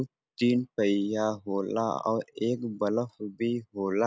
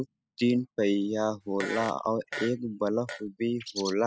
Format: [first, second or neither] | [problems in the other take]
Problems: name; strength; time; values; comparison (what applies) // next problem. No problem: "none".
first | noise reduction (classical method spectral subtraction)